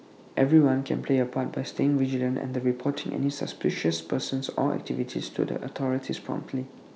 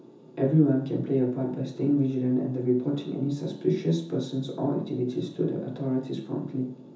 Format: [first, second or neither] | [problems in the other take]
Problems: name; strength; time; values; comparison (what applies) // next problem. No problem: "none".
first | room echo; dies away in 0.6 s